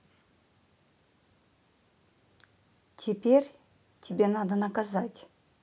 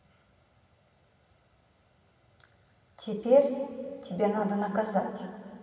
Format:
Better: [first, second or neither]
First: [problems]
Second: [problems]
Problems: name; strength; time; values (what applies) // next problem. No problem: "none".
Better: first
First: none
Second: room echo; dies away in 2.3 s